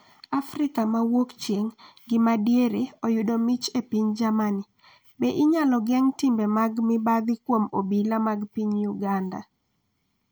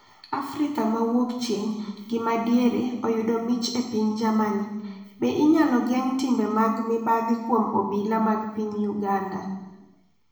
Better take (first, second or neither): first